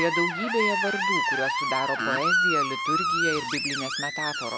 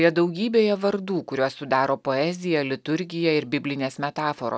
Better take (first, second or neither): second